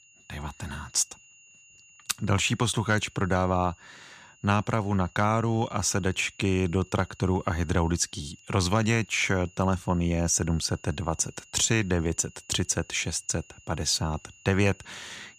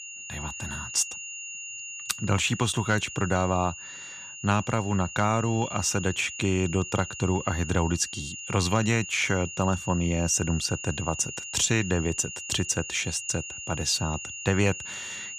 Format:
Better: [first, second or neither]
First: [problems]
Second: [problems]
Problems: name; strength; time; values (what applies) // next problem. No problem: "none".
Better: first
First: high-pitched whine; faint; throughout; 3 kHz, 25 dB below the speech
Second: high-pitched whine; loud; throughout; 3 kHz, 9 dB below the speech